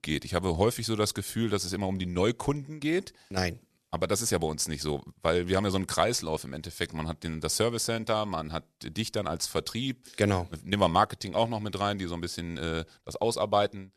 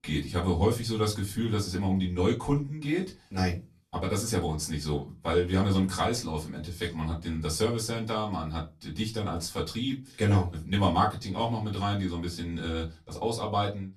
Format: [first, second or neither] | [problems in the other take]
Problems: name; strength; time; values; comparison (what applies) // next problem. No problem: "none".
first | off-mic speech; far // room echo; very slight; dies away in 0.2 s